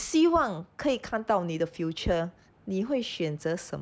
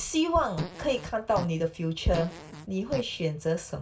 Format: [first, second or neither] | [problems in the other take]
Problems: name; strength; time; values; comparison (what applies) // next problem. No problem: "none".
first | background sound (Fart); 11 dB below the speech // room echo; dies away in 0.2 s